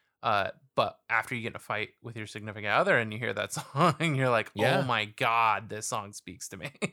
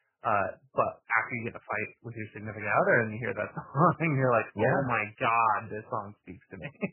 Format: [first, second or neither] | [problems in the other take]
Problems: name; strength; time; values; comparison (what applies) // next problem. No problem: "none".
first | garbled, watery; badly; nothing above 2.5 kHz